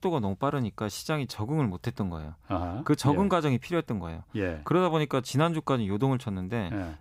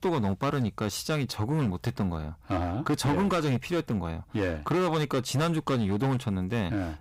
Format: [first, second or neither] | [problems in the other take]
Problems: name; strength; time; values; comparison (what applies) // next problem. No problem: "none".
first | distortion; heavy; 13% of the sound clipped